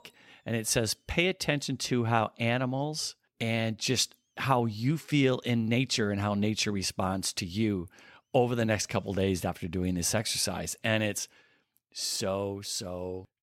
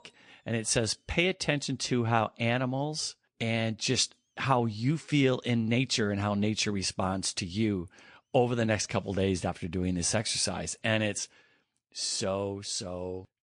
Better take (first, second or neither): first